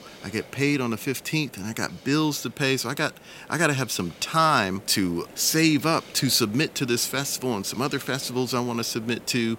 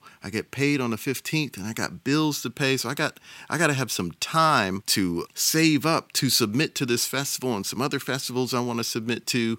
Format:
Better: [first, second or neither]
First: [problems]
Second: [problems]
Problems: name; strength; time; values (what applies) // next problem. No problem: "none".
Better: second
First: hiss; faint; throughout; 20 dB below the speech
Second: none